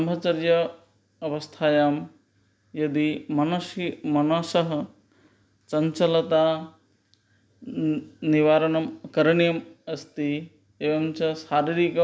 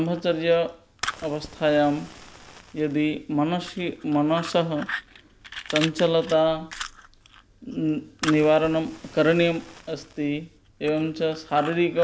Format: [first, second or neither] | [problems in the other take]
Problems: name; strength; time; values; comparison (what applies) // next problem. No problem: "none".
first | background sound (Fire); 14 dB below the speech